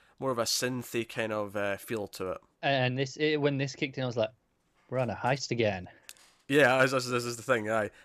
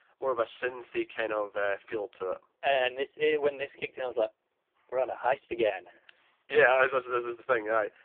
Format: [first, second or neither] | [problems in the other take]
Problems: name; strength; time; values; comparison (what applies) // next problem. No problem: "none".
first | phone-call audio; poor line